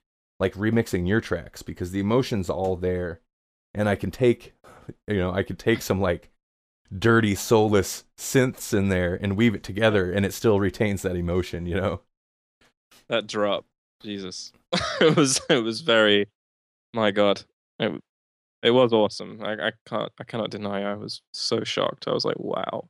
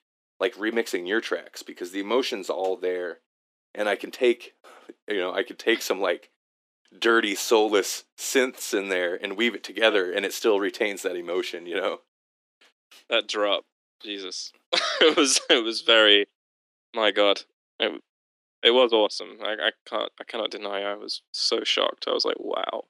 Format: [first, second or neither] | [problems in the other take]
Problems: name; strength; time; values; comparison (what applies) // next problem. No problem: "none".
first | thin; somewhat; fading below 300 Hz